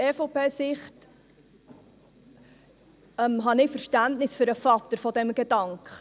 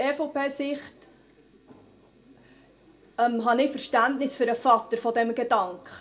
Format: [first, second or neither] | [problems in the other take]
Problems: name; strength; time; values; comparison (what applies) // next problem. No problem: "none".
first | room echo; dies away in 0.2 s